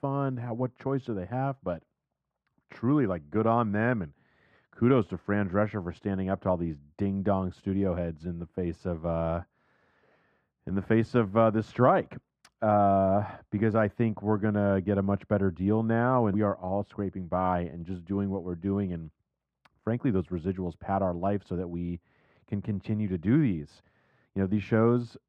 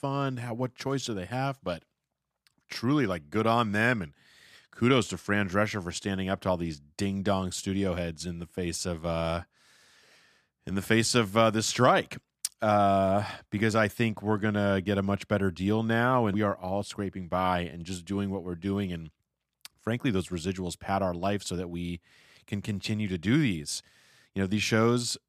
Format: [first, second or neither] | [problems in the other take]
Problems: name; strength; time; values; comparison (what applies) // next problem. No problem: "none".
second | muffled; very; fading above 3 kHz